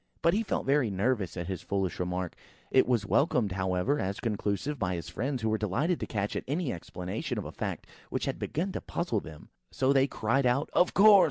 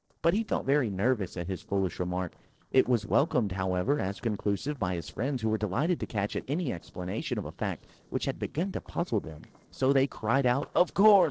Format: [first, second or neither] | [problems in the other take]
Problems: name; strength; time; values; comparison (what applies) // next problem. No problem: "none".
first | noise reduction (neural separator model SepFormer DNS4)